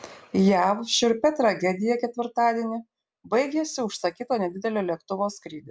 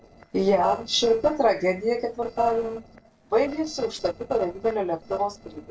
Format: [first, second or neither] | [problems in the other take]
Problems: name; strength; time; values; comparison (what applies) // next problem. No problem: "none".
first | noise reduction (neural separator model SepFormer DNS4)